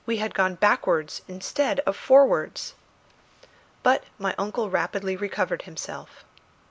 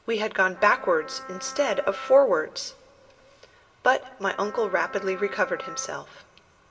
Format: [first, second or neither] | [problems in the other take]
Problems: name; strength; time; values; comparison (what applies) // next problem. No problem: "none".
first | background sound (Wind instrument, woodwind instrument); 16 dB below the speech // room echo; dies away in 1.2 s